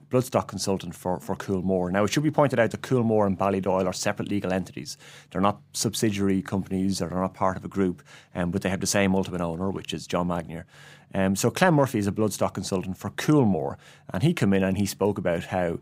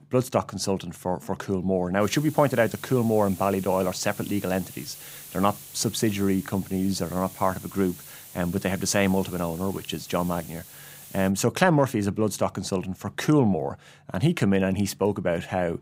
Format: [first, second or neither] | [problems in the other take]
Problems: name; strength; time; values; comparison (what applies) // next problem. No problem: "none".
first | hiss; noticeable; from 2 to 11 s; 15 dB below the speech